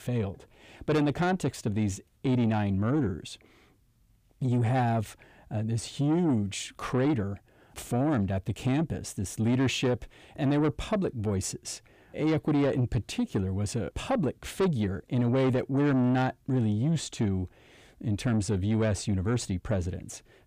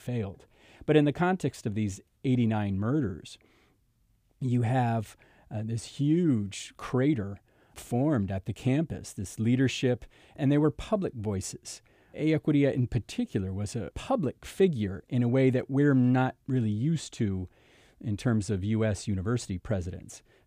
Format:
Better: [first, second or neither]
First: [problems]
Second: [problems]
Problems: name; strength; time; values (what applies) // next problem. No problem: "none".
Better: second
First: distortion; slight; 10 dB below the speech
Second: none